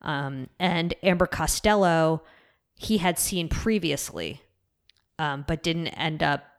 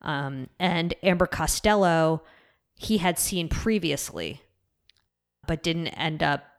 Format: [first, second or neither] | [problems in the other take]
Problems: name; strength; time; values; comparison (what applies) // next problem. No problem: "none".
first | audio freezing; at 5 s